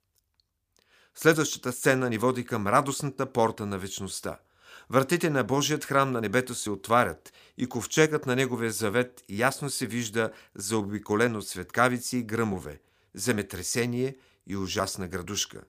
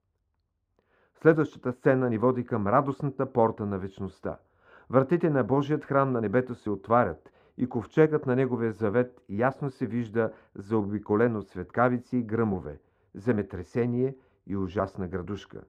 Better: first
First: none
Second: muffled; very; fading above 3 kHz

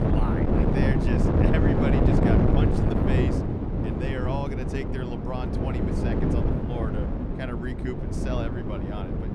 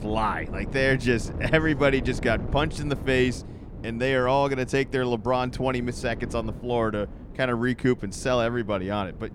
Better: second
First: wind noise on the microphone; heavy; 5 dB above the speech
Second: wind noise on the microphone; occasional gusts; 20 dB below the speech

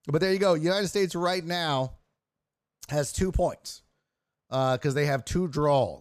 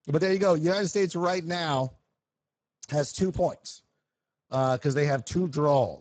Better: first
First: none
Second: garbled, watery; badly; nothing above 7.5 kHz

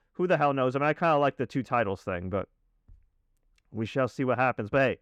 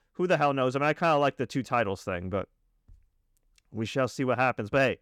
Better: second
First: muffled; slightly; fading above 3.5 kHz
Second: none

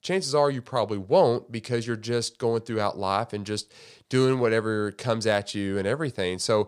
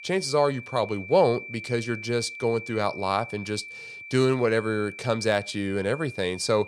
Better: first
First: none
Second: high-pitched whine; noticeable; throughout; 2.5 kHz, 10 dB below the speech

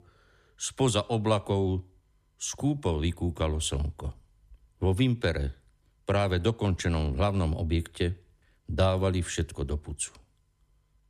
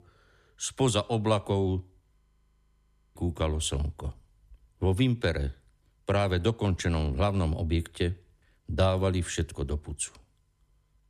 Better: first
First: none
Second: audio freezing; at 2 s for 1 s

